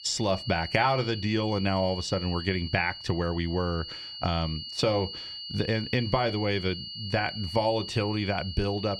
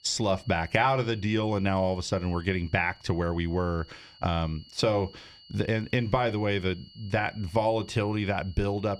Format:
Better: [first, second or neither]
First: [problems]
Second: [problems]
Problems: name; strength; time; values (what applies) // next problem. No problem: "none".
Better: second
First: high-pitched whine; loud; throughout; 4.5 kHz, 8 dB below the speech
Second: high-pitched whine; faint; throughout; 4.5 kHz, 25 dB below the speech